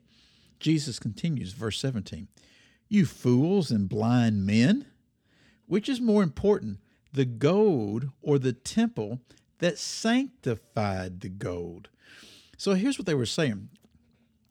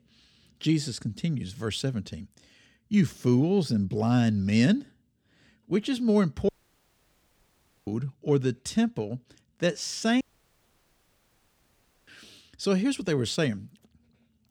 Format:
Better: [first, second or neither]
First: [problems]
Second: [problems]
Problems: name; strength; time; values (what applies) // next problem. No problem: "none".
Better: first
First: none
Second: audio cutting out; at 6.5 s for 1.5 s and at 10 s for 2 s